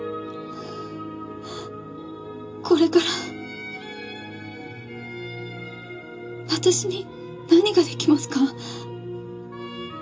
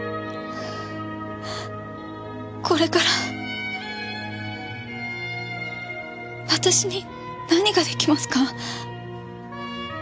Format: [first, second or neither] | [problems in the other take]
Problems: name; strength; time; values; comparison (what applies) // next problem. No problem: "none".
second | room echo; dies away in 0.2 s